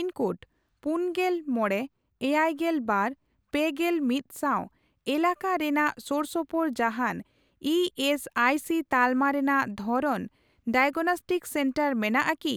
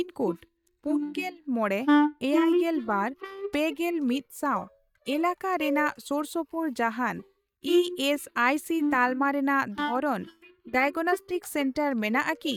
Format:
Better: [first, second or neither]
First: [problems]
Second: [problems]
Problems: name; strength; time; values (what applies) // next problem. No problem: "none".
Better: first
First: none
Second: noise reduction (neural mask model DeepFilterNet 3)